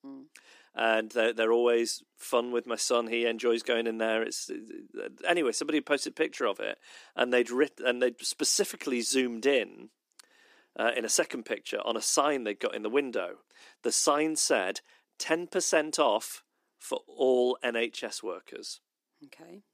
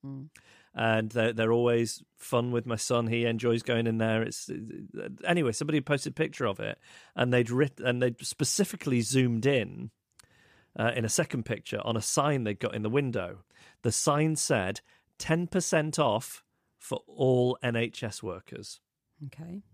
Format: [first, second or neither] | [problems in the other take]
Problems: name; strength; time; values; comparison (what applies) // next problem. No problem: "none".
second | thin; somewhat; fading below 250 Hz